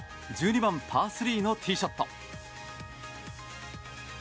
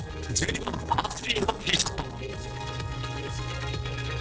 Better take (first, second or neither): first